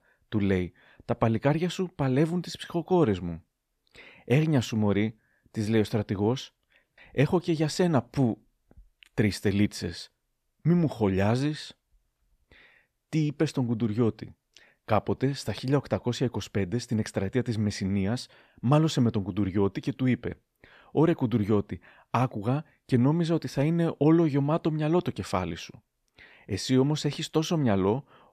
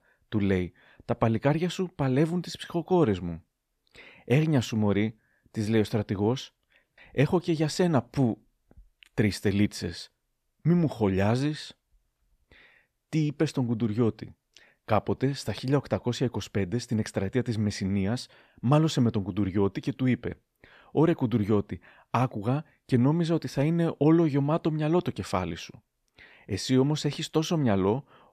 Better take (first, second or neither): neither